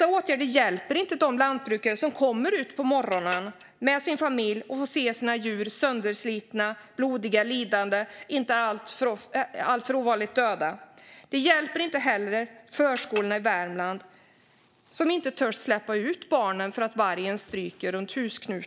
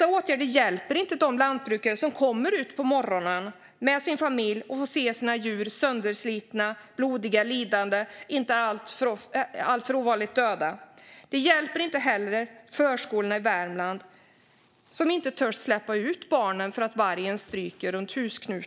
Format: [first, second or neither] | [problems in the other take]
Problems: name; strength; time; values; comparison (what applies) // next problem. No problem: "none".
second | background sound (Chink, clink); 16 dB below the speech